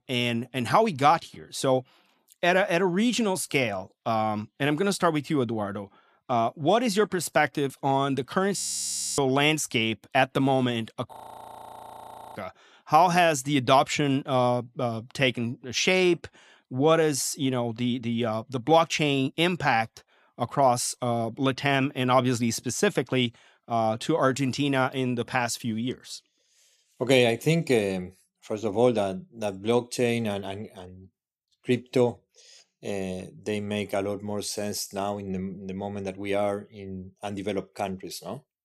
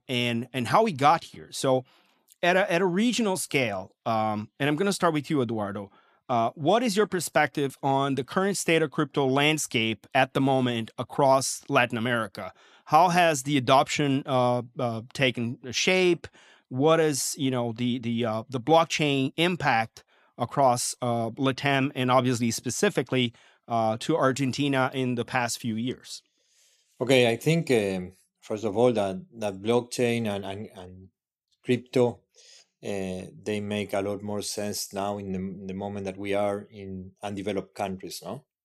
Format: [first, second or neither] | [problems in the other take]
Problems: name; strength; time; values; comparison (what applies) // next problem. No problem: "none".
second | audio freezing; at 8.5 s for 0.5 s and at 11 s for 1 s